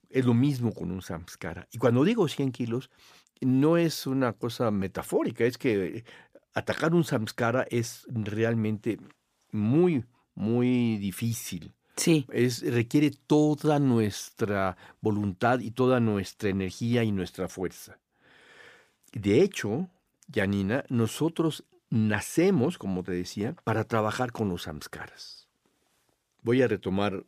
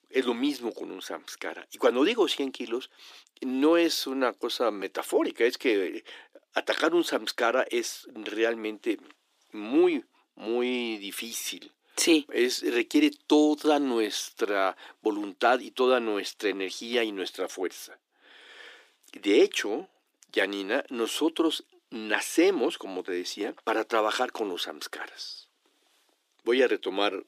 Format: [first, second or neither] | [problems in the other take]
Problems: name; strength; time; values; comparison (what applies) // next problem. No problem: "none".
first | thin; somewhat; fading below 300 Hz